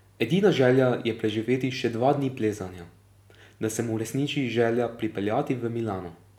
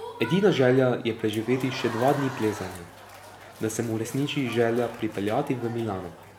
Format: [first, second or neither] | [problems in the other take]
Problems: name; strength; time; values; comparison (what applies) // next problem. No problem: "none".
first | background sound (Applause / Crowd); 15 dB below the speech